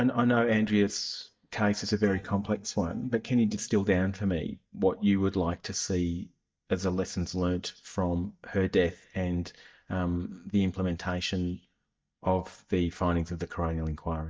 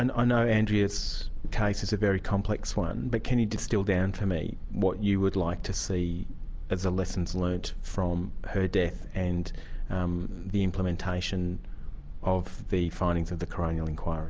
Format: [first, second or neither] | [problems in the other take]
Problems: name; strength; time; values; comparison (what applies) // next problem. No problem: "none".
second | noise reduction (neural mask model DeepFilterNet 3)